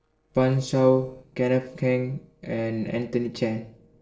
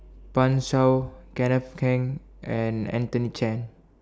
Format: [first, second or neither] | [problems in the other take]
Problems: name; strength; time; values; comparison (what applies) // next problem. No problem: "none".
second | noise reduction (neural separator model SepFormer DNS4)